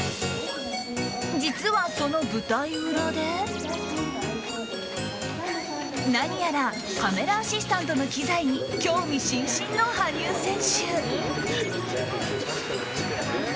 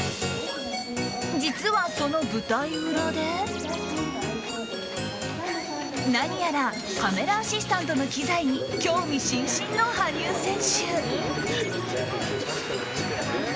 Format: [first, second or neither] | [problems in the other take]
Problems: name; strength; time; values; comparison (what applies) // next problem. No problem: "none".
first | background sound (Acoustic guitar); 19 dB below the speech